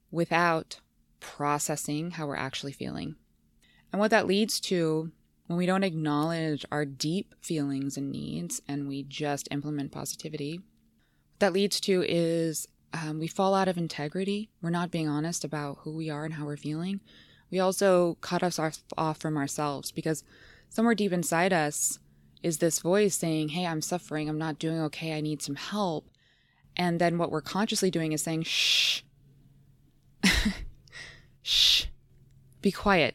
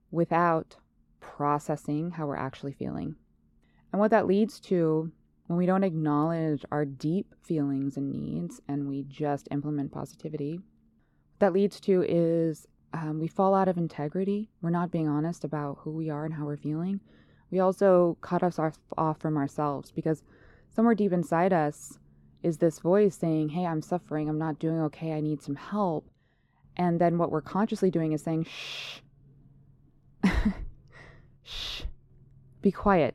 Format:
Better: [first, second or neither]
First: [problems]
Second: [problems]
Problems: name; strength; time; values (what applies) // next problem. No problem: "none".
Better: first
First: none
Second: muffled; very; fading above 2 kHz